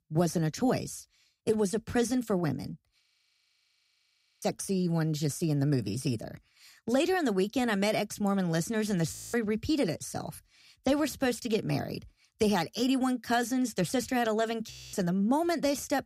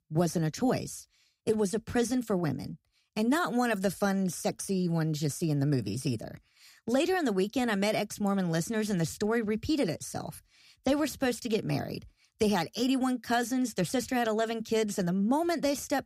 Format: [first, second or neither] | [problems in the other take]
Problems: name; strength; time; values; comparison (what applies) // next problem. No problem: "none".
second | audio freezing; at 3 s for 1.5 s, at 9 s and at 15 s